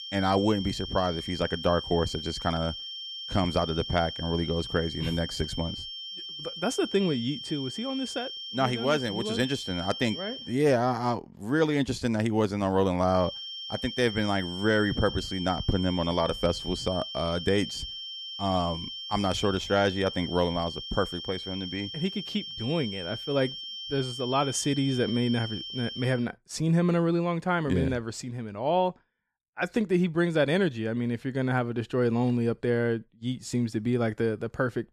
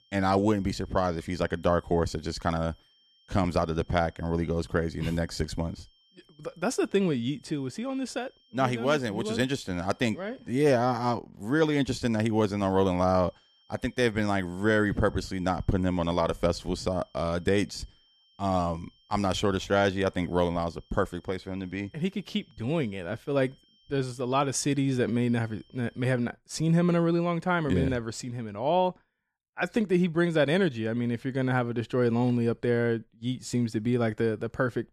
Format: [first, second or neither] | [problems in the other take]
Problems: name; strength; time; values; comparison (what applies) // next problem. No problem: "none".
second | high-pitched whine; loud; until 10 s and from 13 to 26 s; 3 kHz, 8 dB below the speech; faint in the second